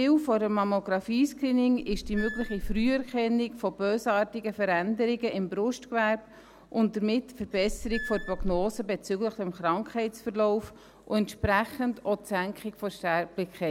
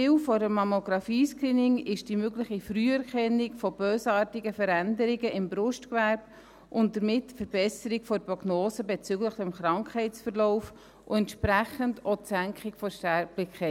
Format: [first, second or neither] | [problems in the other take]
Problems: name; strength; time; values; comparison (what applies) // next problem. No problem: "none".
second | background sound (Squeak / Screech); 7 dB below the speech